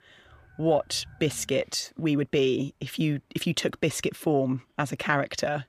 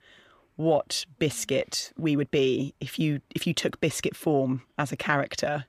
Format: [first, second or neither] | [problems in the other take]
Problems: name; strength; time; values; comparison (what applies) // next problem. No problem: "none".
second | animal sounds; faint; until 1.5 s; 25 dB below the speech